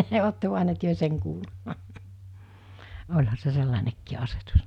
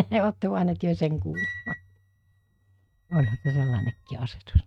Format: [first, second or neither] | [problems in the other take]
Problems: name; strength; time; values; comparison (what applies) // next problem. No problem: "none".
first | noise reduction (neural mask model RNNoise)